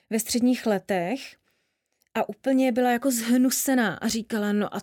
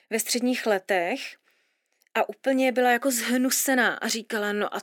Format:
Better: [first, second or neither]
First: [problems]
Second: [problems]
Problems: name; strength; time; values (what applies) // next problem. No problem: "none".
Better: first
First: none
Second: thin; very slightly; fading below 300 Hz